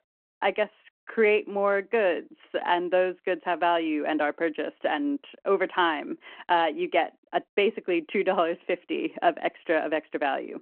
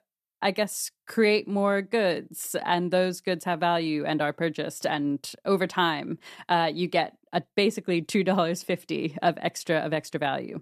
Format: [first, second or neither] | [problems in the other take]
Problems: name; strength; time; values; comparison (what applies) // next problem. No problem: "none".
second | phone-call audio